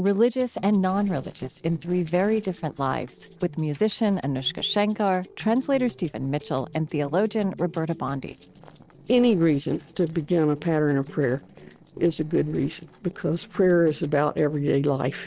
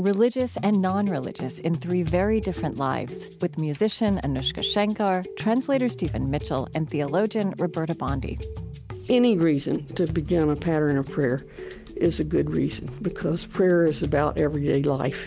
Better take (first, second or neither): second